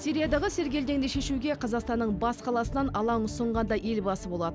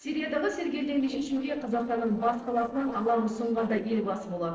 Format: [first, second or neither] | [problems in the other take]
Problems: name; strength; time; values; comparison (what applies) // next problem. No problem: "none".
first | noise reduction (neural separator model SepFormer DNS4)